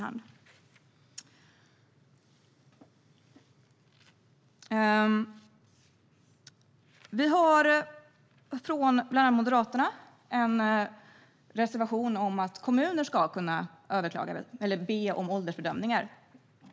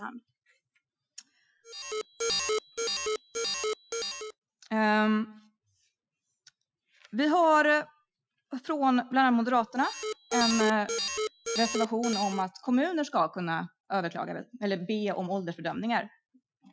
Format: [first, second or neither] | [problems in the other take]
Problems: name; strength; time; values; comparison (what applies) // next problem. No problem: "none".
first | noise reduction (classical method Wiener filter)